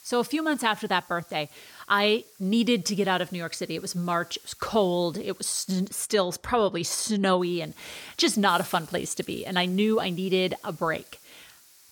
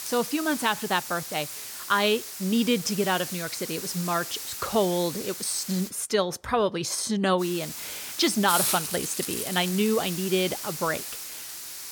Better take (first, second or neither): first